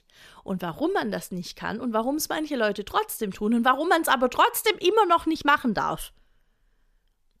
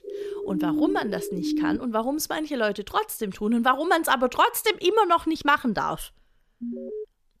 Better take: first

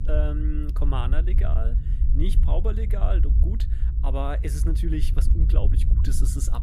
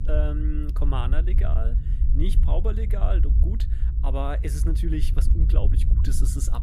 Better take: neither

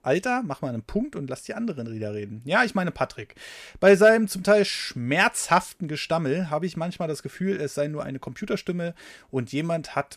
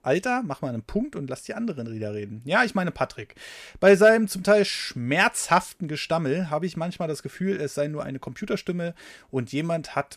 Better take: neither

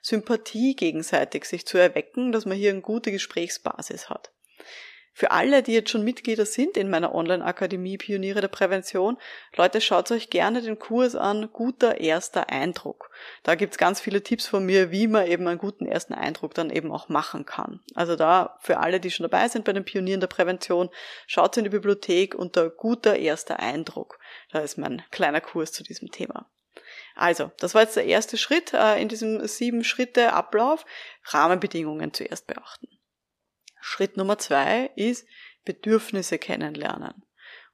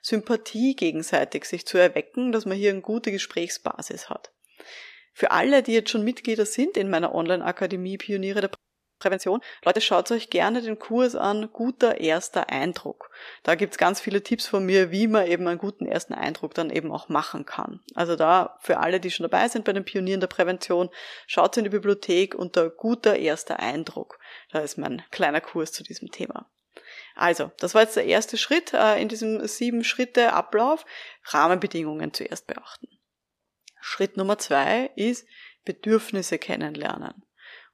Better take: first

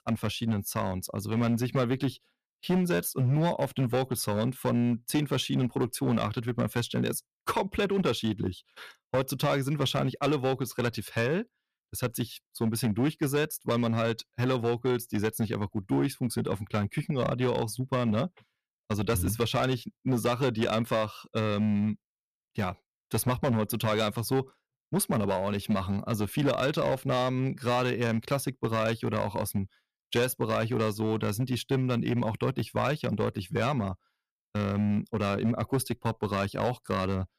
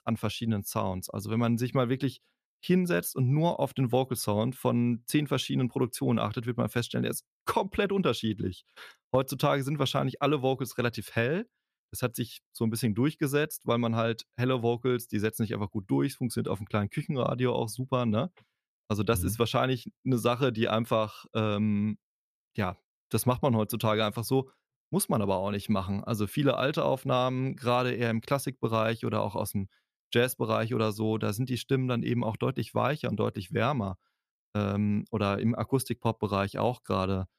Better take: second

